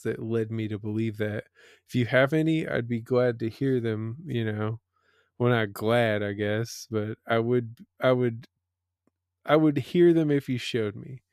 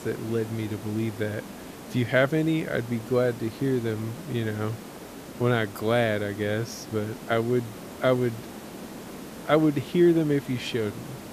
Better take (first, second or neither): first